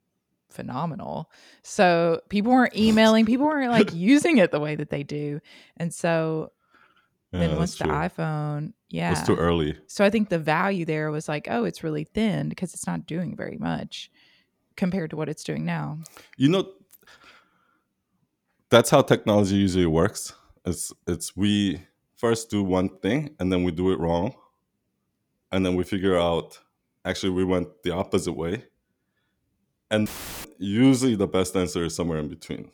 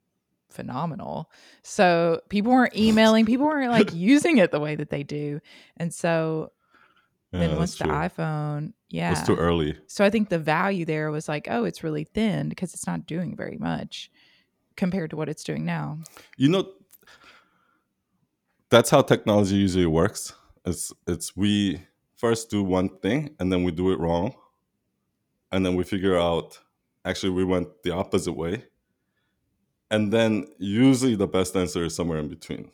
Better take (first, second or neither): second